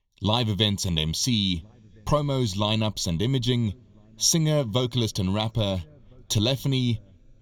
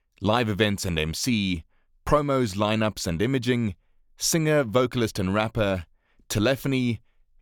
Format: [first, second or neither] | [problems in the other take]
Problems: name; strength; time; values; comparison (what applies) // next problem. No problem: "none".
second | room echo; very slight; dies away in 3 s